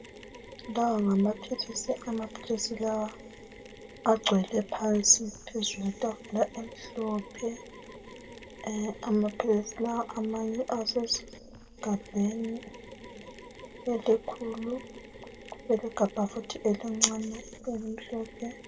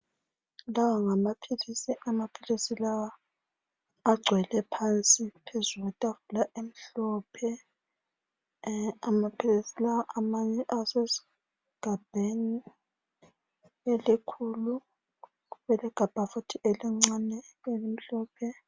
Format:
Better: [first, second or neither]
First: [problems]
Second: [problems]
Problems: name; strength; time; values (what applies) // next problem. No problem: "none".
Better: second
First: background sound (Mechanisms); 16 dB below the speech // room echo; dies away in 1.3 s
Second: none